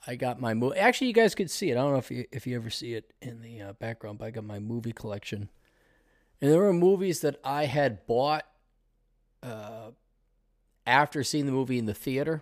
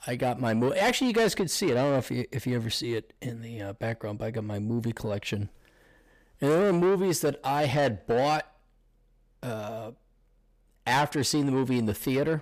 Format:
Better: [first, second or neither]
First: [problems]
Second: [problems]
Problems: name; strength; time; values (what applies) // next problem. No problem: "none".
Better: first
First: none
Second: distortion; heavy; 8 dB below the speech